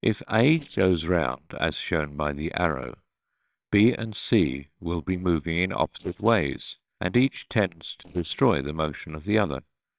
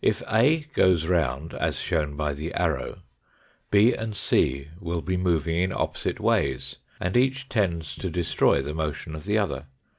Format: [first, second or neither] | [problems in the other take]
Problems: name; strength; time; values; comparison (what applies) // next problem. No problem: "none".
second | noise reduction (neural separator model SepFormer WHAMR!)